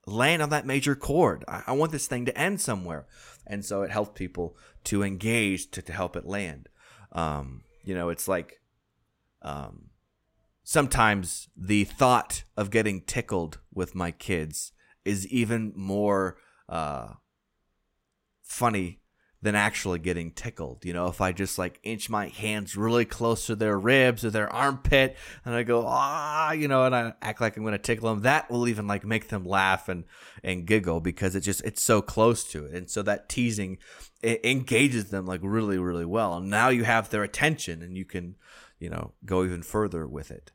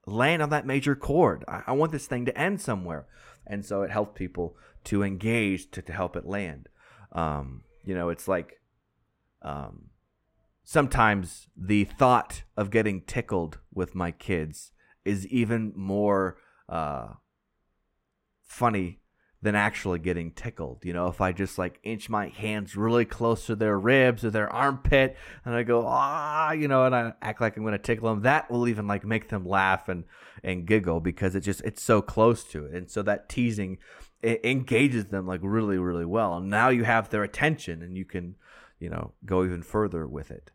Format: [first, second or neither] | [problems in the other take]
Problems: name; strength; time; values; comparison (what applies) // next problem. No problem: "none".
first | muffled; slightly; fading above 3 kHz